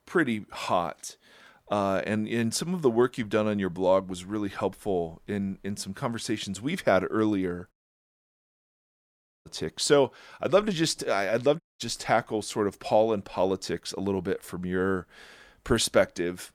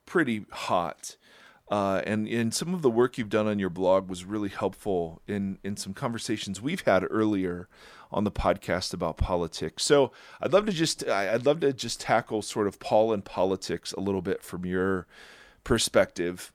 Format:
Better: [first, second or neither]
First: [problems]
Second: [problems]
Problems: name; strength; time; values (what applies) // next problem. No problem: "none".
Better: second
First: audio cutting out; at 7.5 s for 1.5 s and at 12 s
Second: none